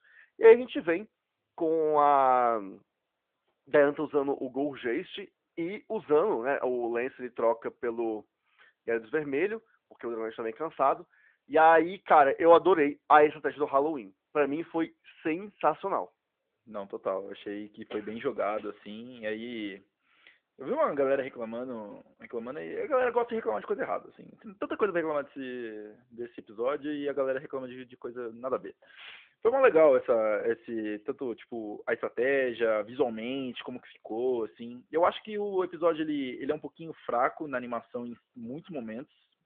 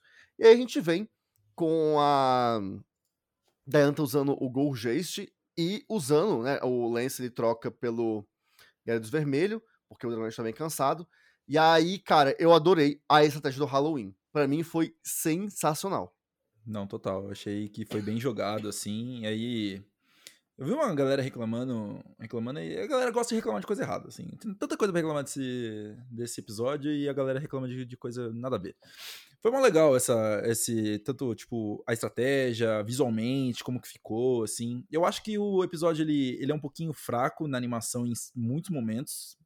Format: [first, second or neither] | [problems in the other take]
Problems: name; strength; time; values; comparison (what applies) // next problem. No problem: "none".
second | phone-call audio; nothing above 3.5 kHz